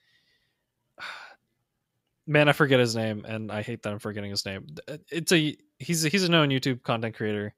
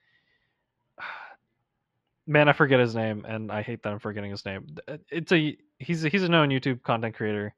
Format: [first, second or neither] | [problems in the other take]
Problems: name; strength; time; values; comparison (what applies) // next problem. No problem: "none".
first | muffled; slightly; fading above 2.5 kHz